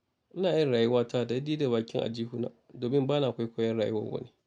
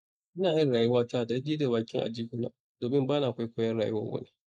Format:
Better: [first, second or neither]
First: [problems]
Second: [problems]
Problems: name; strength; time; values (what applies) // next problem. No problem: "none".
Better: first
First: none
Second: noise reduction (neural mask model Resemble Enhance denoiser)